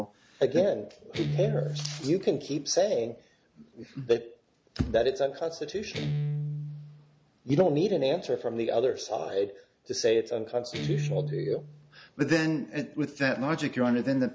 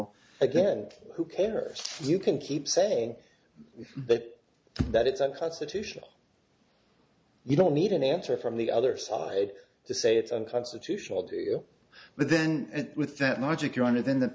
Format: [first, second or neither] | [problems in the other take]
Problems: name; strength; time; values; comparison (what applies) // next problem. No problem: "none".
second | background sound (Guitar); 9 dB below the speech